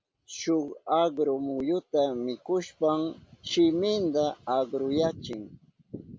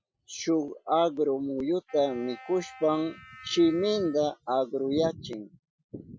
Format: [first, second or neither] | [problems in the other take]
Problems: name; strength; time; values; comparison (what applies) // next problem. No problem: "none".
first | noise reduction (classical method Wiener filter)